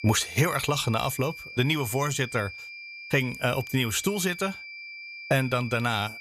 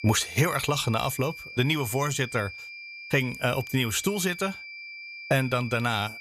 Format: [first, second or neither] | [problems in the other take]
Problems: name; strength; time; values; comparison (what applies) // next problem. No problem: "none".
neither | high-pitched whine; noticeable; throughout; 2.5 kHz, 10 dB below the speech; the same in both